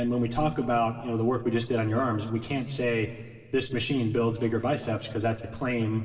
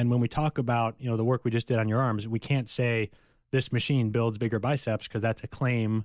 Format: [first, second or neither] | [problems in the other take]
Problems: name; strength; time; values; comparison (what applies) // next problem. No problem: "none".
second | room echo; dies away in 2.1 s